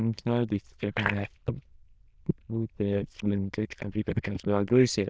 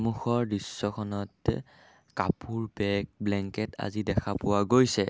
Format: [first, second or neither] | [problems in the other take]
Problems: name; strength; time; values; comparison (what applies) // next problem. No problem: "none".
second | noise reduction (neural diffusion model UNIVERSE++)